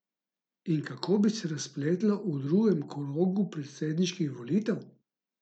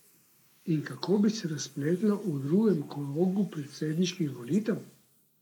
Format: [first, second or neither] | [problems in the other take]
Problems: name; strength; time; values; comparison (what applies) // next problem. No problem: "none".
first | noise reduction (neural mask model Resemble Enhance denoiser)